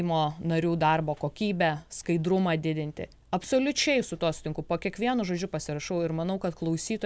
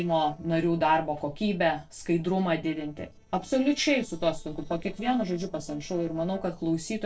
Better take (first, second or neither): first